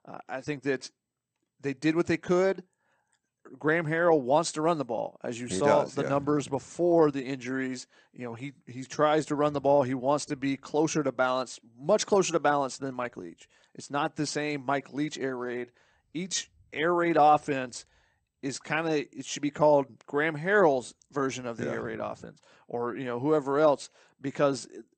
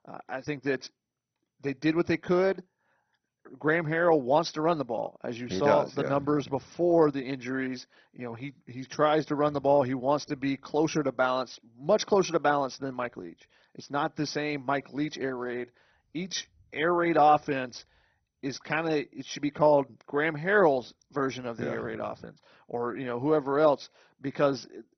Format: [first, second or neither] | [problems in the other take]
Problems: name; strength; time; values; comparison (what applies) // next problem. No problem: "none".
first | garbled, watery; badly; nothing above 6 kHz; slightly in the first